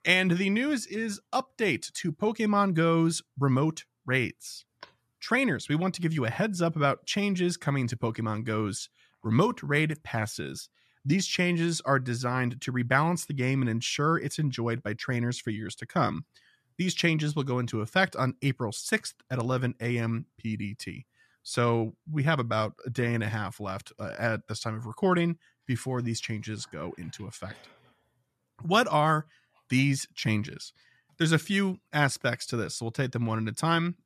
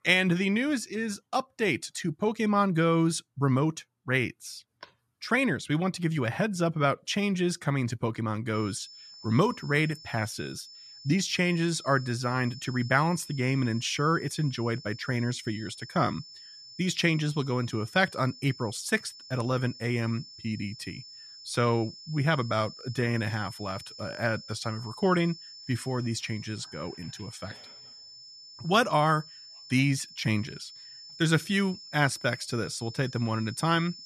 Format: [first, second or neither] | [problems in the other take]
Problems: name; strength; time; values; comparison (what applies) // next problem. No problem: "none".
first | high-pitched whine; noticeable; from 8.5 s on; 5.5 kHz, 15 dB below the speech